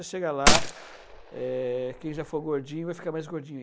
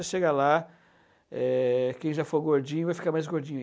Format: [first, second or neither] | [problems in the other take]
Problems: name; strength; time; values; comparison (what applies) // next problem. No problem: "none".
second | background sound (Gunshot, gunfire); 4 dB above the speech